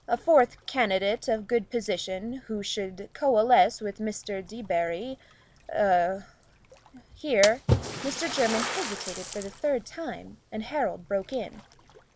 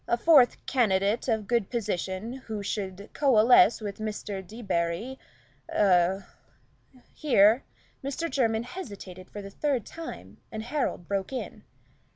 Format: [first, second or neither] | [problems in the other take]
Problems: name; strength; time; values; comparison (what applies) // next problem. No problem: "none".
second | background sound (Splash, splatter); 10 dB below the speech